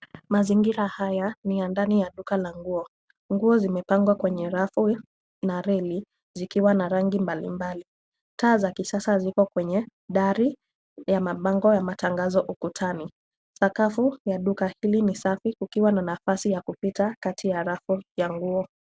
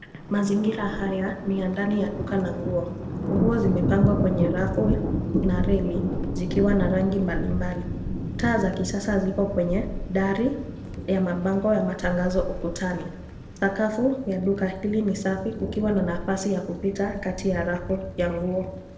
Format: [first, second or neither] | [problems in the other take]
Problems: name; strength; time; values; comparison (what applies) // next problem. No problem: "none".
first | background sound (Thunder); 4 dB below the speech // room echo; dies away in 0.8 s